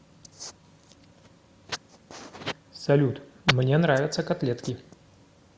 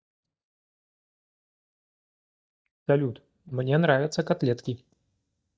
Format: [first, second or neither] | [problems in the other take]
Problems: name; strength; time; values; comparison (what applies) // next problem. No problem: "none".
first | noise reduction (neural mask model DeepFilterNet 3)